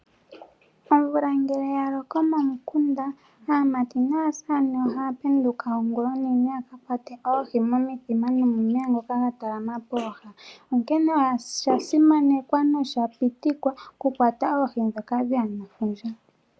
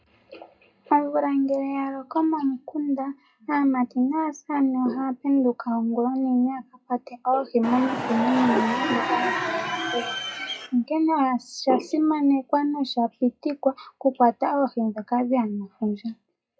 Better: first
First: none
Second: noise reduction (classical method WPE with log-MMSE)

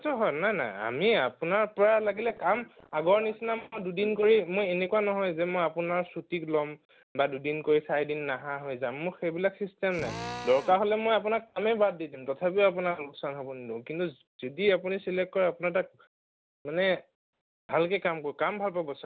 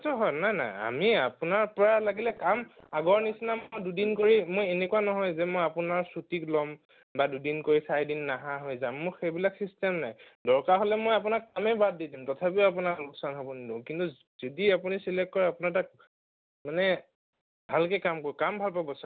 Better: second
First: background sound (Drill); 12 dB below the speech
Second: none

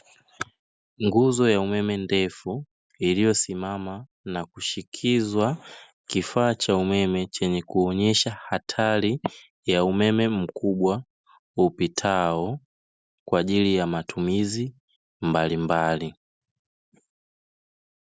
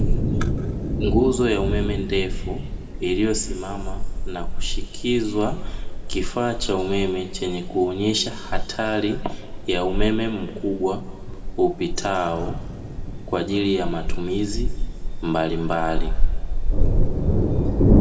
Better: first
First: none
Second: background sound (Thunder); 3 dB above the speech // room echo; dies away in 1.6 s

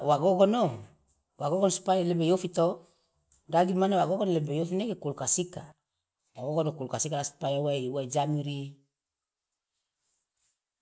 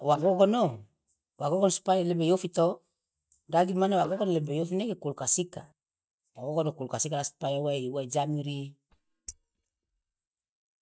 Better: first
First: none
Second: noise reduction (neural mask model DeepFilterNet 3)

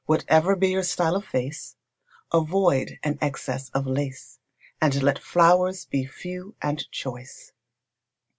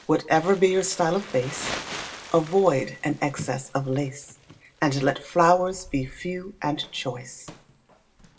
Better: first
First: none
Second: background sound (Crumpling, crinkling); 16 dB below the speech // room echo; dies away in 0.2 s

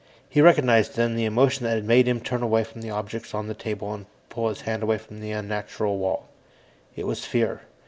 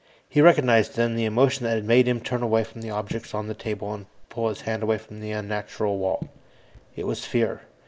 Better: first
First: none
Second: noise reduction (neural mask model Resemble Enhance denoiser)

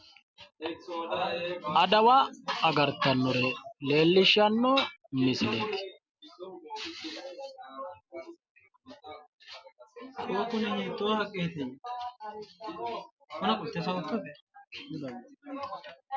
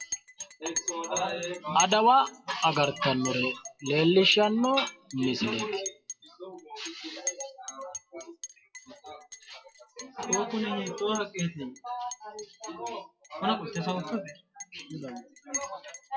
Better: first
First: none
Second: noise reduction (classical method WPE with log-MMSE)

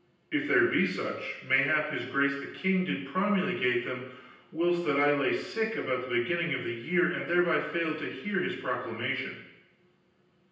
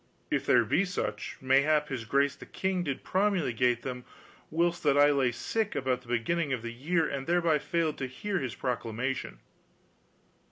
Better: second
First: room echo; dies away in 0.9 s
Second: none

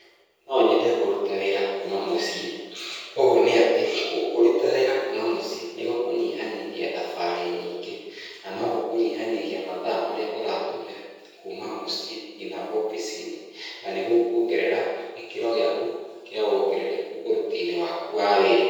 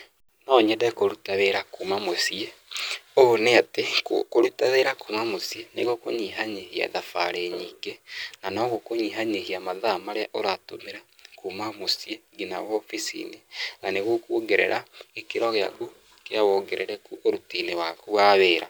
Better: second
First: room echo; dies away in 1.2 s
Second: none

